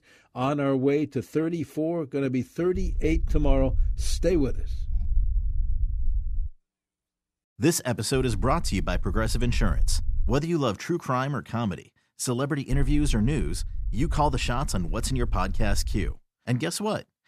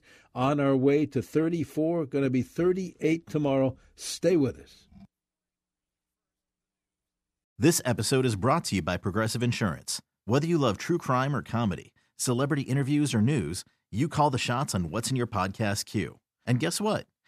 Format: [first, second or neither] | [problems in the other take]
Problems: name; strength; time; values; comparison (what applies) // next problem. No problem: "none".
second | low rumble; faint; from 3 to 6.5 s, from 8 to 10 s and from 13 to 16 s; 25 dB below the speech